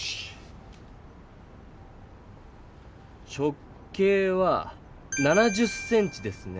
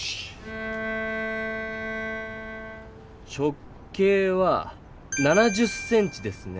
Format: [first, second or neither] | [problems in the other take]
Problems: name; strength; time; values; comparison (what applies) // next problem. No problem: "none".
first | background sound (Bowed string instrument); 7 dB below the speech